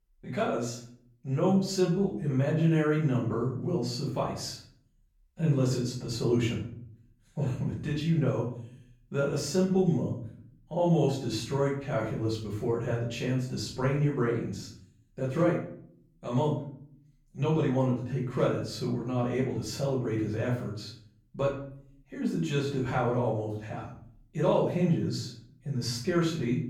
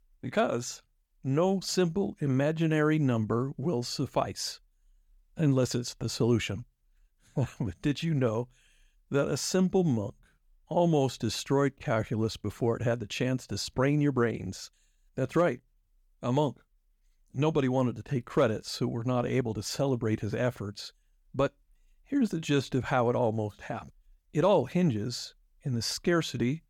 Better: second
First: off-mic speech; far // room echo; noticeable; dies away in 0.5 s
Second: none

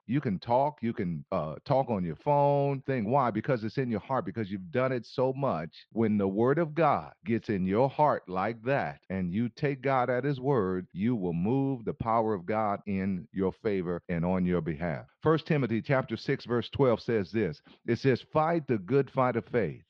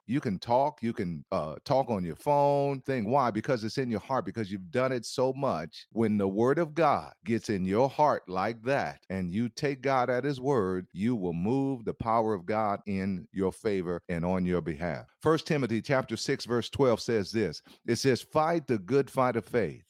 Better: second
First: muffled; slightly; fading above 3.5 kHz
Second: none

